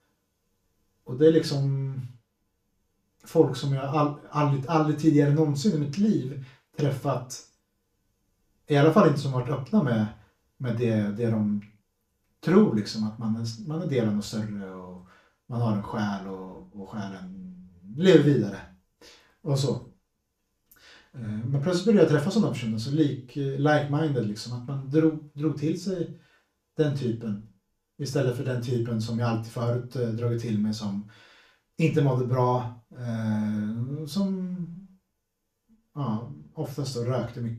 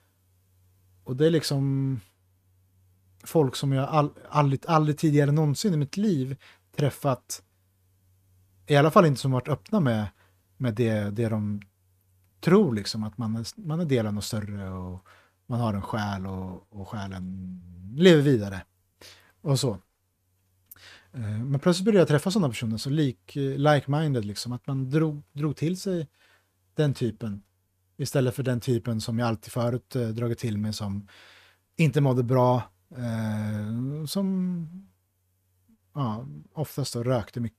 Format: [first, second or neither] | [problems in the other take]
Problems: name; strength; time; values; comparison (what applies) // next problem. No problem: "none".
second | room echo; slight; dies away in 0.3 s // off-mic speech; far